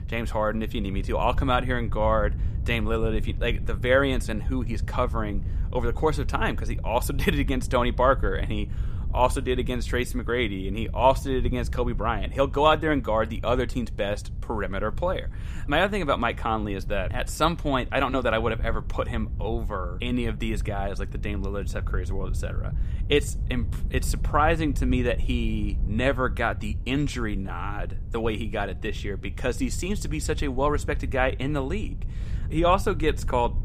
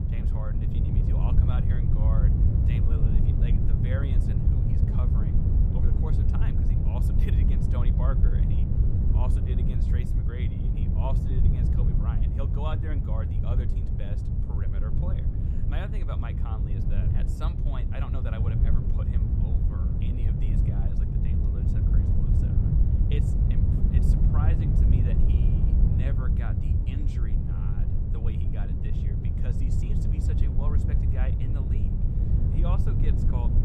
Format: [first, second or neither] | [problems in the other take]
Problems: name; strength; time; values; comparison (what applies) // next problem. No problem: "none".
first | wind noise on the microphone; heavy; 4 dB above the speech; occasional gusts in the first